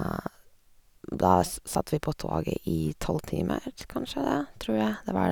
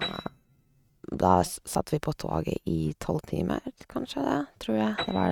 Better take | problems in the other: first | noise reduction (neural mask model RNNoise)

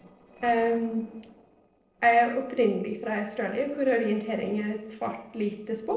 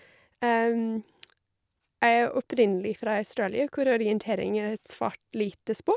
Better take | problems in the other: second | noise reduction (neural separator model SepFormer DNS4)

